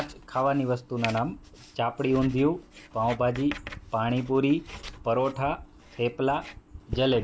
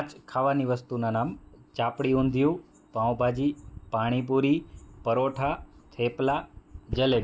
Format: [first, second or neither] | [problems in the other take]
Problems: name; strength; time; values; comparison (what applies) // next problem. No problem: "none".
second | background sound (Writing); 18 dB below the speech